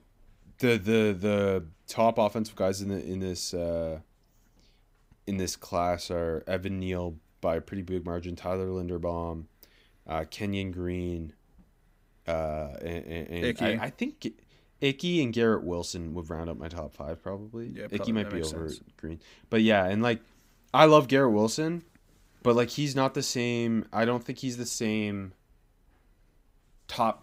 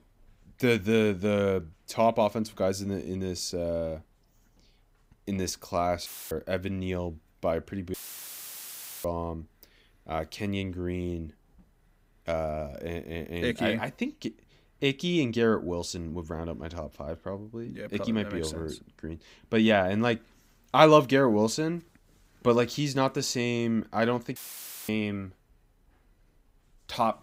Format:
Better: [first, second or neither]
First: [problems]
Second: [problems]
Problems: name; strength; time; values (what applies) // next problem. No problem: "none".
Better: first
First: none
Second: audio cutting out; filled with static; at 6 s, at 8 s for 1 s and at 24 s for 0.5 s